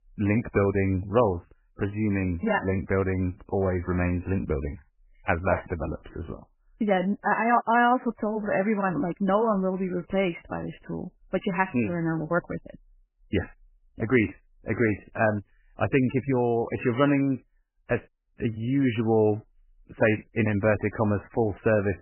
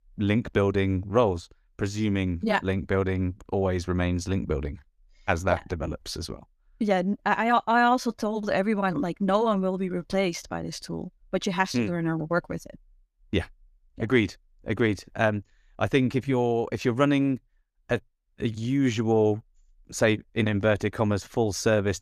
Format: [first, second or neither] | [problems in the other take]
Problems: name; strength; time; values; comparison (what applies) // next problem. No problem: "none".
second | garbled, watery; badly; nothing above 3 kHz